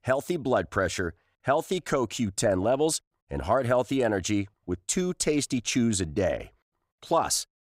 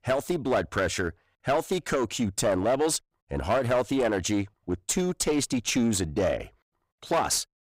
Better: first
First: none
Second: distortion; slight; 9% of the sound clipped

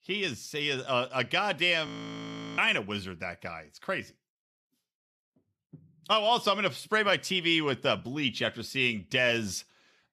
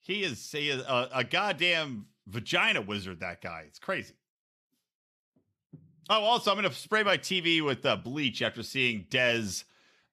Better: second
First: audio freezing; at 2 s for 0.5 s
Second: none

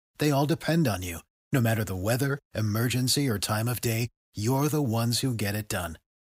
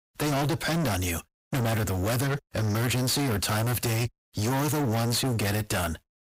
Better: first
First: none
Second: distortion; heavy; 42% of the sound clipped

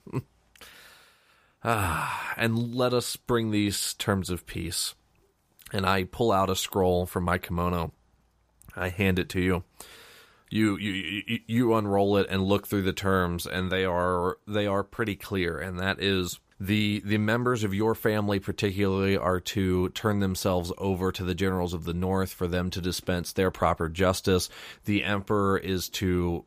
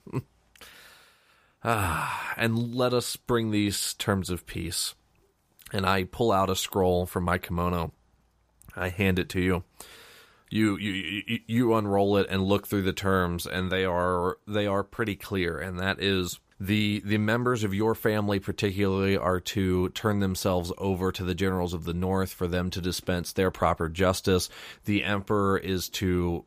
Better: neither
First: none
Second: none

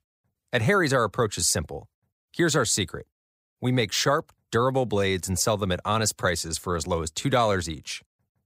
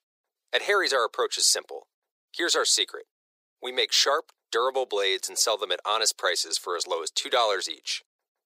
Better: first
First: none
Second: thin; very; fading below 400 Hz

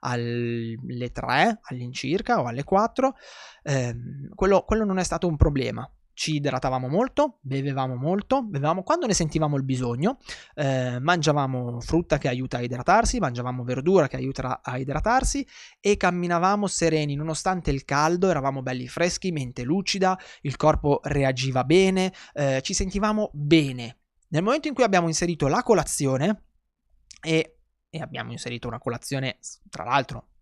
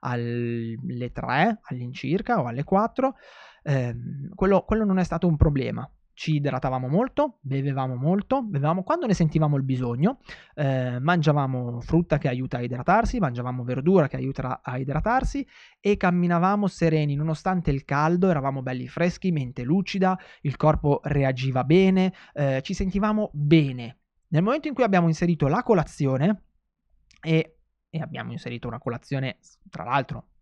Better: first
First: none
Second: muffled; slightly; fading above 3 kHz

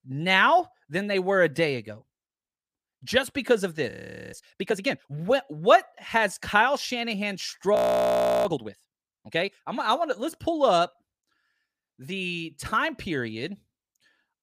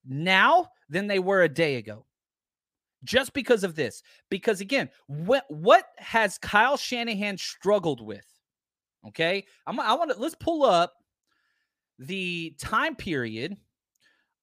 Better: second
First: audio freezing; at 4 s and at 8 s for 0.5 s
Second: none

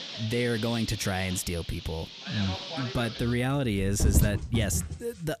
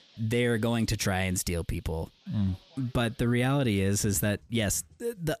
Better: second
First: animal sounds; loud; throughout; 4 dB below the speech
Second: animal sounds; faint; throughout; 25 dB below the speech

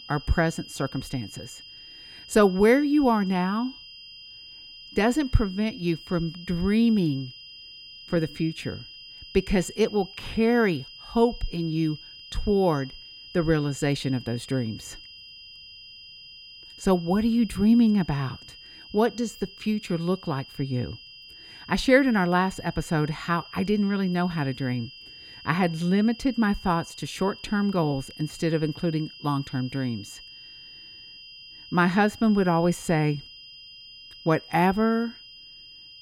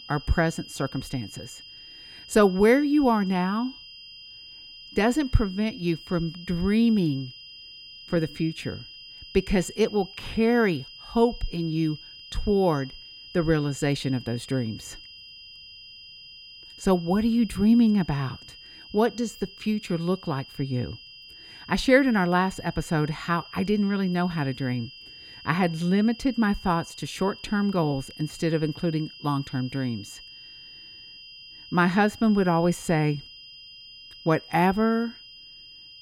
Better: neither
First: high-pitched whine; noticeable; throughout; 3 kHz, 15 dB below the speech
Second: high-pitched whine; noticeable; throughout; 3 kHz, 15 dB below the speech

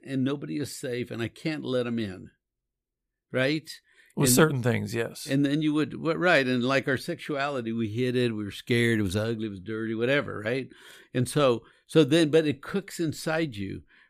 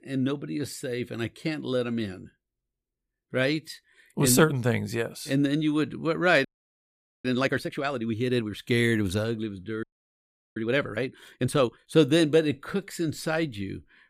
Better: first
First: none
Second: audio freezing; at 6.5 s for 1 s and at 10 s for 0.5 s

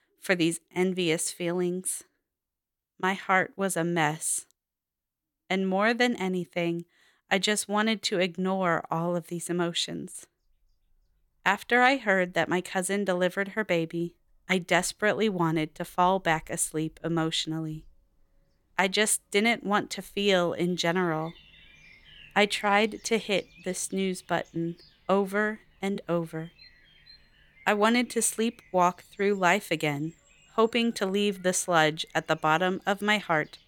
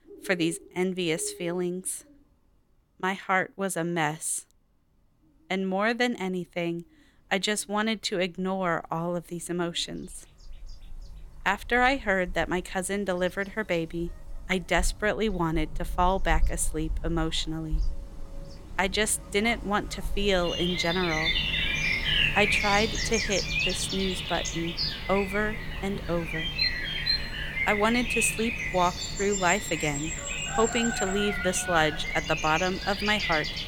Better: first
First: animal sounds; faint; throughout; 30 dB below the speech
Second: animal sounds; loud; throughout; 1 dB below the speech

